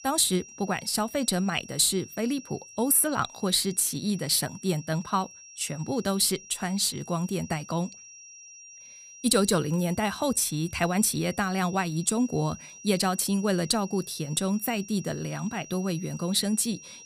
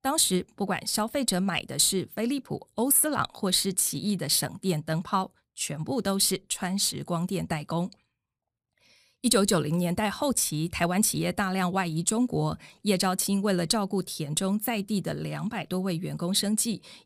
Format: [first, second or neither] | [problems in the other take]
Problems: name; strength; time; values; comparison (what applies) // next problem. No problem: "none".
second | high-pitched whine; noticeable; throughout; 5.5 kHz, 20 dB below the speech